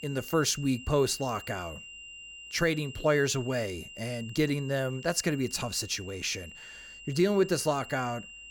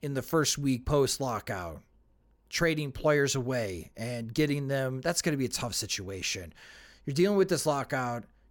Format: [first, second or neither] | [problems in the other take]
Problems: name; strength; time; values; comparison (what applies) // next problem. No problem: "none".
second | high-pitched whine; noticeable; throughout; 3 kHz, 15 dB below the speech